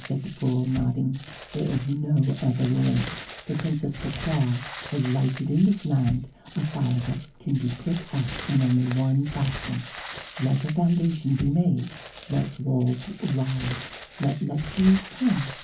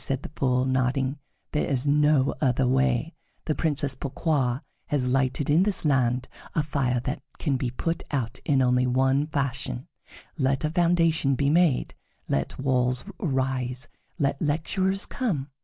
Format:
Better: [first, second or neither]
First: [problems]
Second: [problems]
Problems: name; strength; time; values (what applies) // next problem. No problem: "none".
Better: second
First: background sound (Crumpling, crinkling); 14 dB below the speech // room echo; dies away in 0.3 s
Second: none